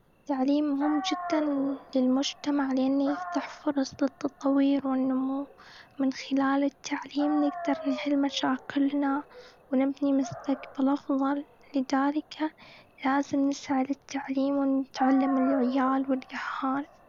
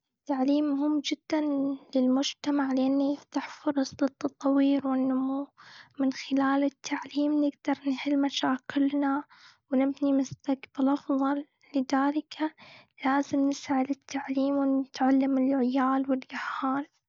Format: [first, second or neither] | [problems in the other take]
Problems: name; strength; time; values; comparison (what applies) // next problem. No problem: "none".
second | background sound (Dog); 14 dB below the speech